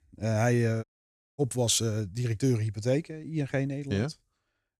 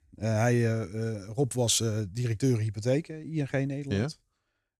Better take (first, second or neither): second